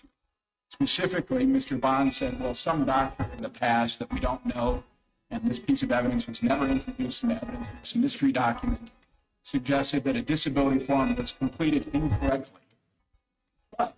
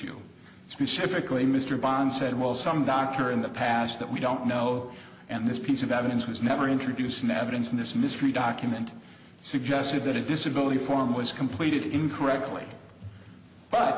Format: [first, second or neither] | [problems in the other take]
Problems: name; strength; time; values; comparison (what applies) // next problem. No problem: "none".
second | noise reduction (neural mask model RNNoise)